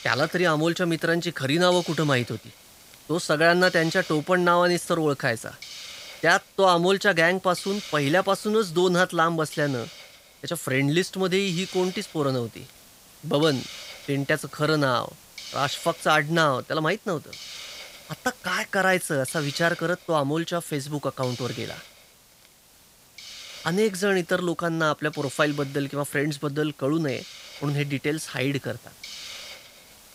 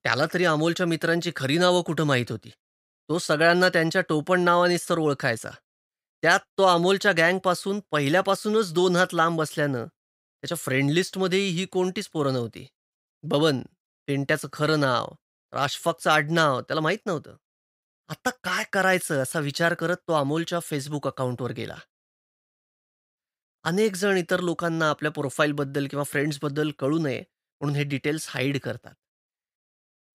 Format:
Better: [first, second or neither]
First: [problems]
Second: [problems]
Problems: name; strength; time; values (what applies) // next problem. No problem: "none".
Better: second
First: hiss; noticeable; throughout; 15 dB below the speech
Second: none